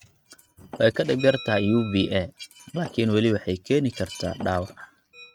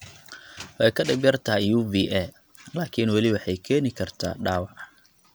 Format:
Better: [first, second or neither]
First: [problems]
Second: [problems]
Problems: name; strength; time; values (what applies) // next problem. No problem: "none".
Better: second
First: noise reduction (neural mask model RNNoise)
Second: none